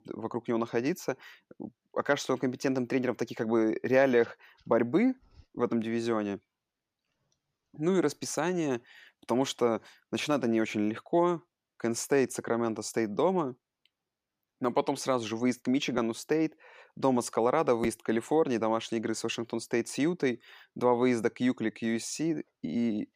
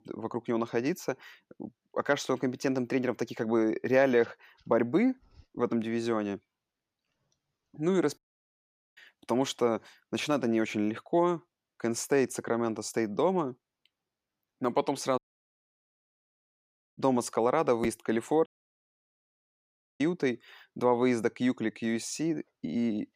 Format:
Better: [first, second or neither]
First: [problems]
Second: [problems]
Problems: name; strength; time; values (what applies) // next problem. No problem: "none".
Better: first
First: none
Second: audio cutting out; at 8 s for 1 s, at 15 s for 2 s and at 18 s for 1.5 s